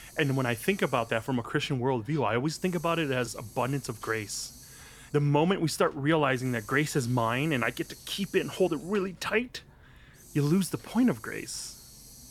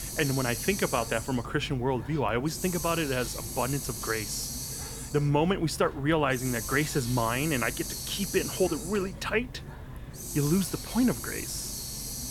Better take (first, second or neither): first